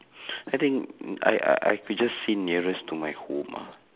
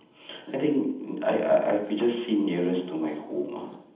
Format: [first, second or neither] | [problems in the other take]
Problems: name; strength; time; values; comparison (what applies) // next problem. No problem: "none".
first | room echo; dies away in 0.8 s